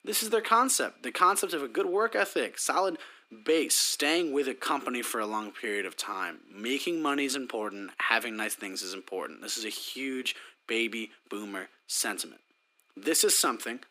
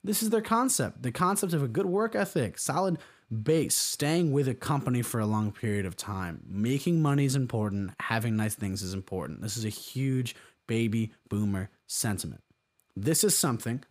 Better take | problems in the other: second | thin; somewhat; fading below 300 Hz

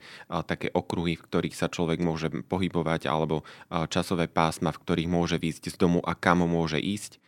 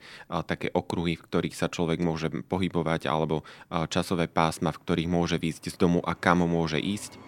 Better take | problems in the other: first | train or aircraft noise; faint; throughout; 30 dB below the speech

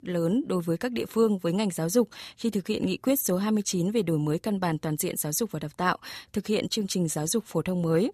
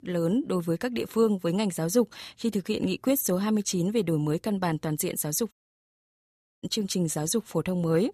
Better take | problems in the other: first | audio cutting out; at 5.5 s for 1 s

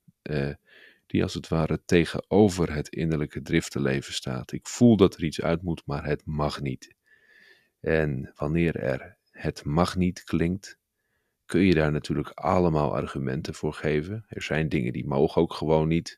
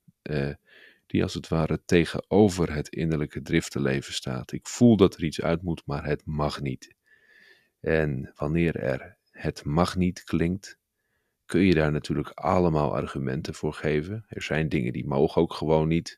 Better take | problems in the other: neither | none

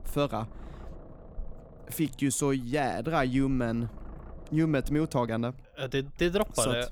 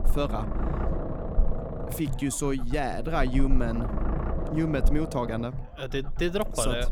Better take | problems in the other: first | low rumble; loud; throughout; 8 dB below the speech; faint in the first

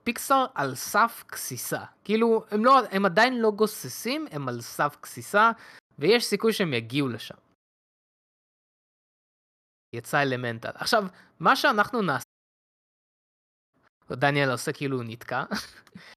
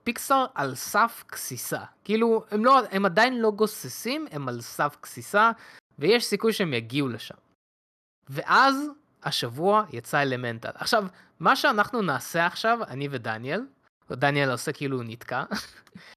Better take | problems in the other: second | audio cutting out; at 8 s for 2 s and at 12 s for 1.5 s

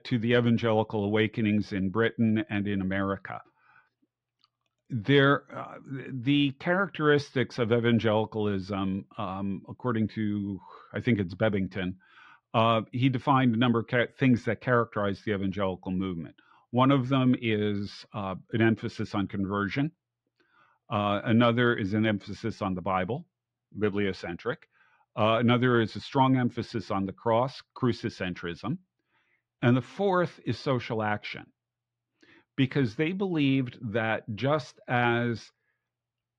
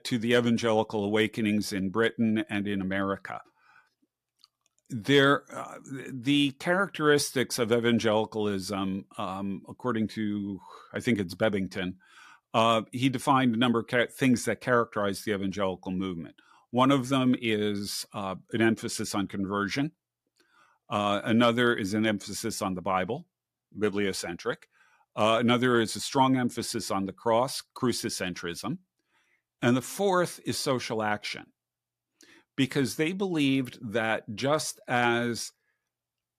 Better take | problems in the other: second | muffled; slightly; fading above 3.5 kHz

